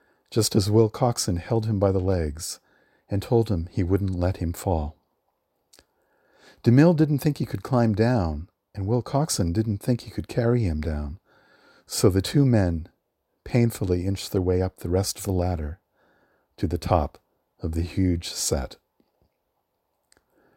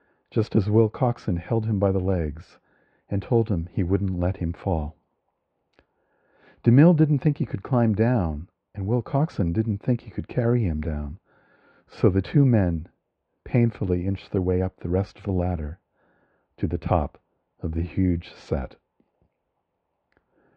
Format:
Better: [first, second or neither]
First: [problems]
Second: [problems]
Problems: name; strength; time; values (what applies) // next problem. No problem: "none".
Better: first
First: none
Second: muffled; very; fading above 3 kHz